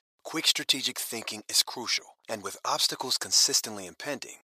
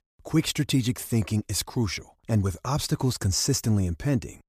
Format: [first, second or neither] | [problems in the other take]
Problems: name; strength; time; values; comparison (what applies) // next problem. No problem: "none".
second | thin; very; fading below 700 Hz